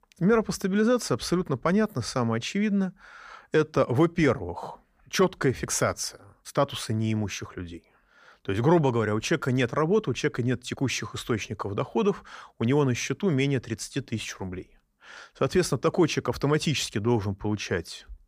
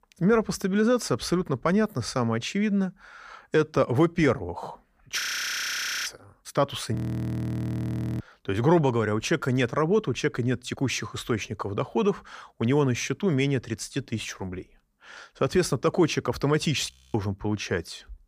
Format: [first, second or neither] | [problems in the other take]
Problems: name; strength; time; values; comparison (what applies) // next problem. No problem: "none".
first | audio freezing; at 5 s for 1 s, at 7 s for 1 s and at 17 s